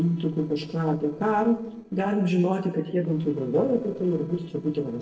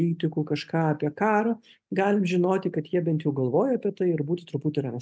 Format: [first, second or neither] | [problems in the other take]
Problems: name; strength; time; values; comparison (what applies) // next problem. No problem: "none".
second | noise reduction (neural separator model SepFormer DNS4)